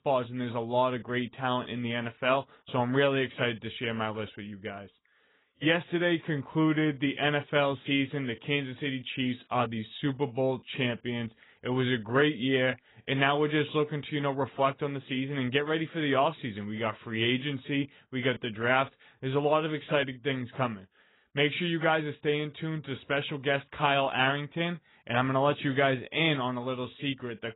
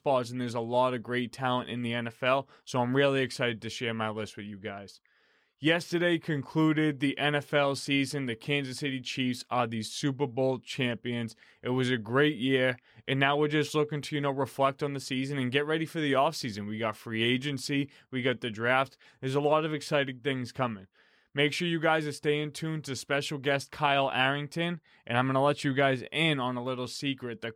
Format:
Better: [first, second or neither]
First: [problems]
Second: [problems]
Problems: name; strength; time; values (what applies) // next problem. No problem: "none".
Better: second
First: garbled, watery; badly; nothing above 3.5 kHz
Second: none